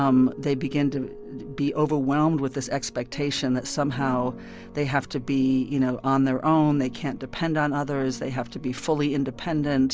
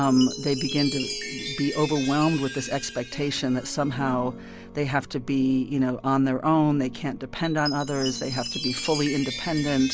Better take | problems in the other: first | background sound (Chime); 12 dB below the speech

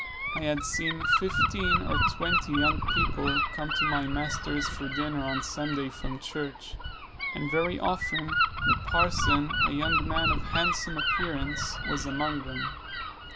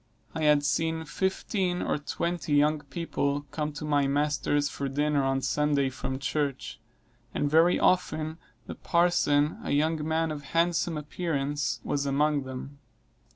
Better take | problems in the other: second | background sound (Gull, seagull / Wind); 4 dB above the speech

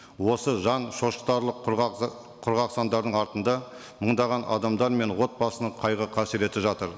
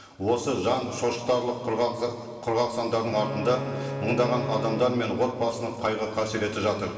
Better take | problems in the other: first | background sound (Bowed string instrument); 8 dB below the speech // room echo; dies away in 2.4 s

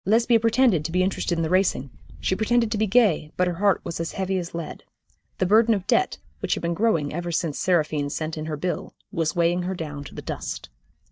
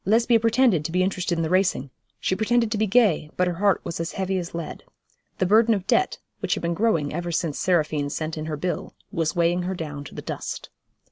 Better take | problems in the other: second | noise reduction (neural mask model DeepFilterNet 3)

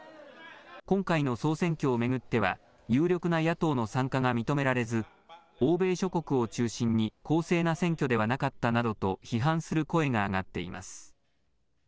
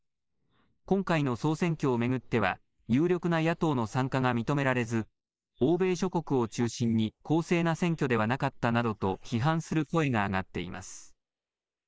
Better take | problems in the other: first | noise reduction (neural mask model Resemble Enhance denoiser)

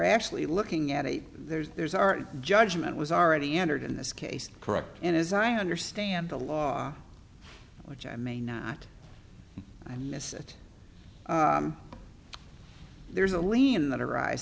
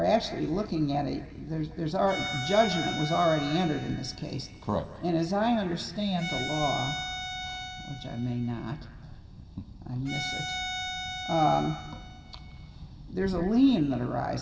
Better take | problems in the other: first | background sound (Bowed string instrument); 9 dB below the speech // room echo; dies away in 2 s

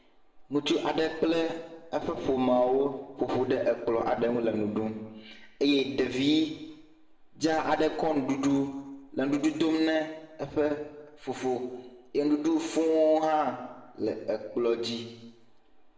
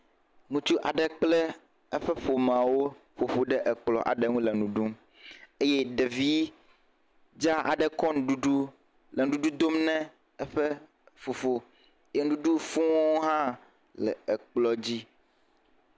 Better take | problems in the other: second | room echo; dies away in 1 s

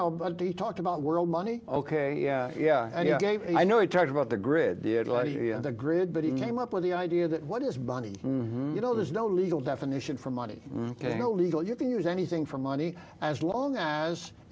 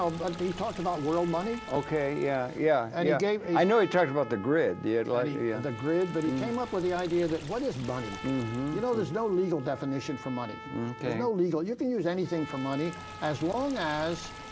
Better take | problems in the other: first | background sound (Trumpet + Liquid); 15 dB below the speech

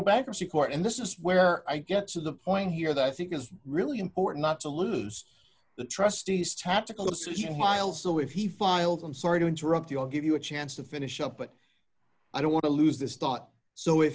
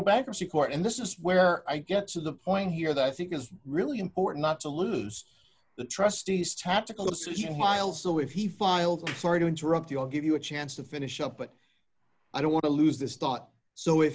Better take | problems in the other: first | background sound (Clapping); 15 dB below the speech

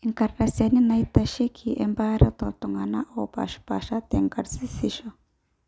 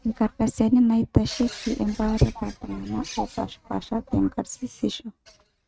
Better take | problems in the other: first | noise reduction (neural mask model RNNoise)

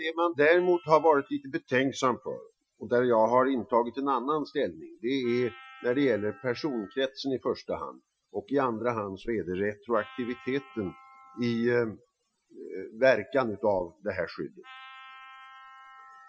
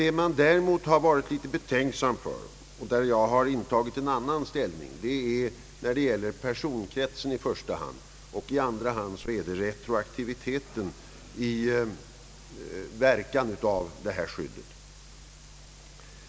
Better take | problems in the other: second | noise reduction (classical method Wiener filter)

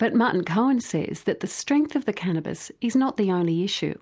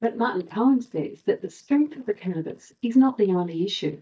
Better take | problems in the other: first | noise reduction (neural mask model DeepFilterNet 3)

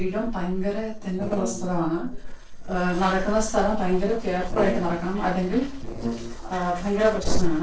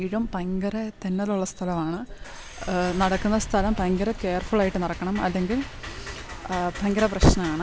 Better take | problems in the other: second | noise reduction (neural separator model SepFormer DNS4)

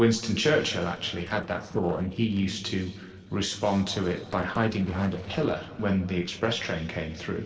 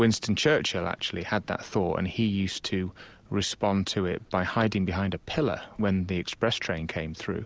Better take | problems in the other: second | noise reduction (neural separator model SepFormer DNS4)

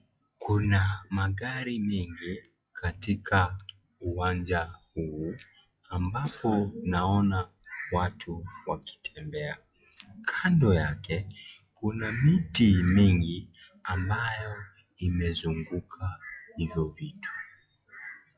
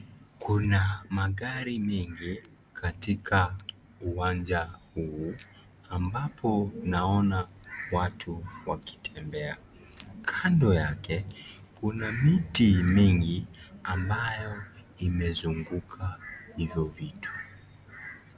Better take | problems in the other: second | noise reduction (classical method log-MMSE)

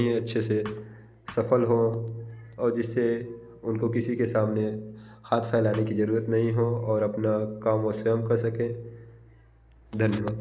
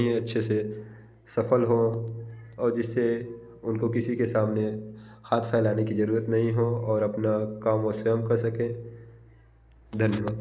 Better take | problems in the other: second | background sound (Thump, thud); 19 dB below the speech

